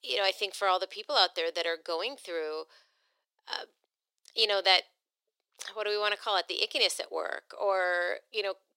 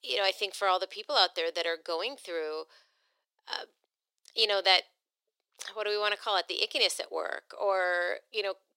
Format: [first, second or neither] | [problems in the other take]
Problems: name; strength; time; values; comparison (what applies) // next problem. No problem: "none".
neither | thin; very; fading below 400 Hz; the same in both